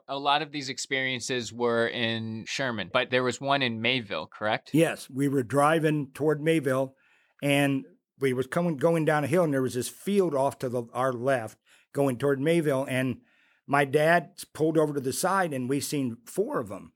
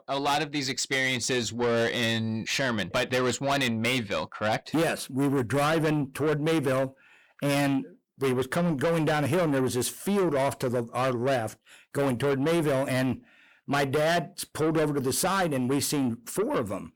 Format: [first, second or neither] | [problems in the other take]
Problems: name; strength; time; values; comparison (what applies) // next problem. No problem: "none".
first | distortion; heavy; 7 dB below the speech